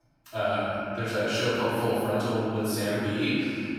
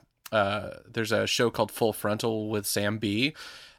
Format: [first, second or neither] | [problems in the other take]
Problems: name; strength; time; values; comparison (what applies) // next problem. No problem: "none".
second | room echo; strong; dies away in 2.8 s // off-mic speech; far